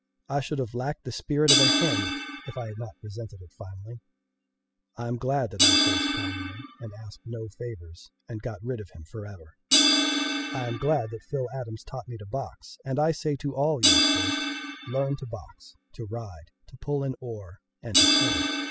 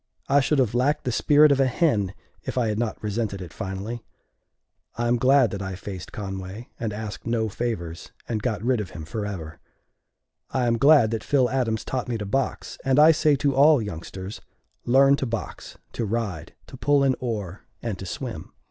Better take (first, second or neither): second